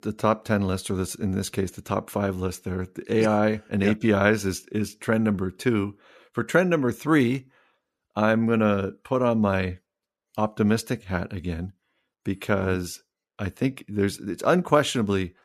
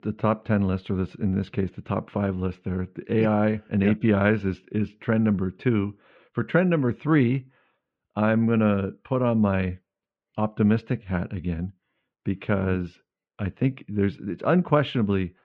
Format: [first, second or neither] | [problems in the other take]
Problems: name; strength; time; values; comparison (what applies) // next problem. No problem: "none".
first | muffled; very; fading above 3 kHz